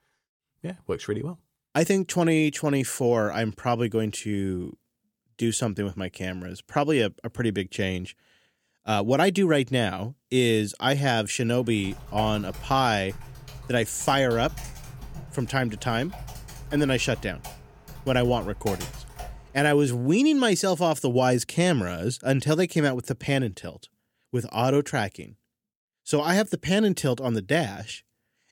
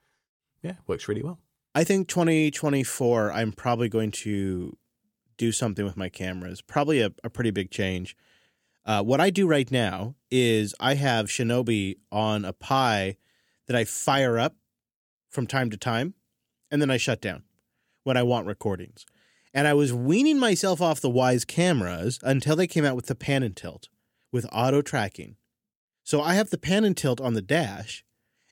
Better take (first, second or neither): second